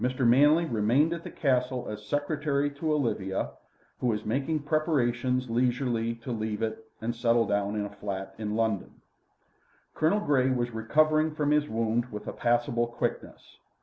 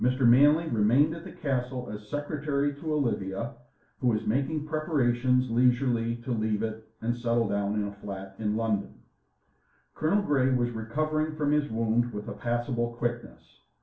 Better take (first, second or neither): first